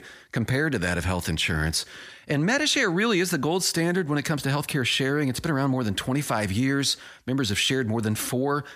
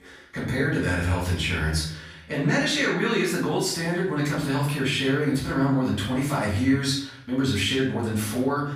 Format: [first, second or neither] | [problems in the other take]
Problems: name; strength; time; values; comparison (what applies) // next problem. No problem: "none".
first | off-mic speech; far // room echo; noticeable; dies away in 0.6 s